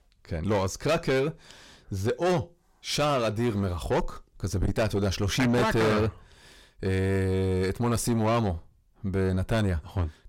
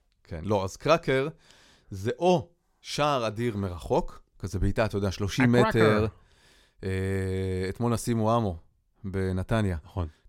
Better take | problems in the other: second | distortion; heavy; 7 dB below the speech

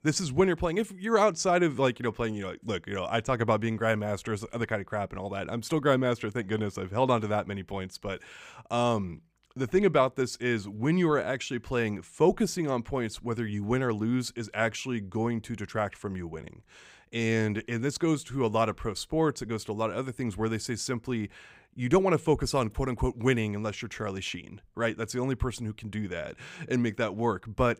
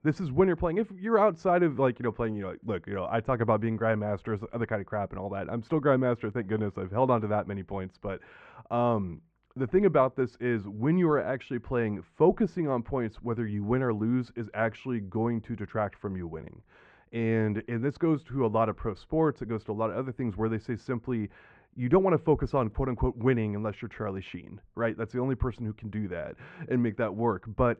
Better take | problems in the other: first | muffled; very; fading above 1.5 kHz

